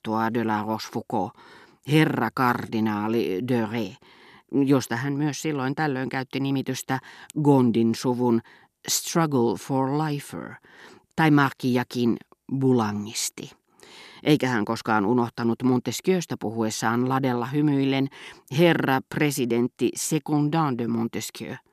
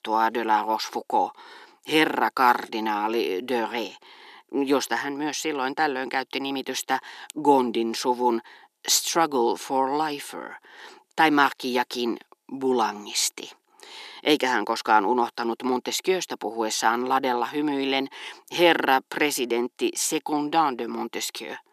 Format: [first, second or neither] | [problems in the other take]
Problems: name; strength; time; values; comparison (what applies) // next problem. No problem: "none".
first | thin; somewhat; fading below 350 Hz